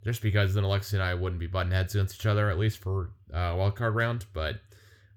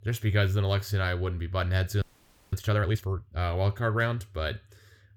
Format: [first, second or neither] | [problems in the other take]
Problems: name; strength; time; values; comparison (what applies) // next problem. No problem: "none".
first | audio freezing; at 2 s for 0.5 s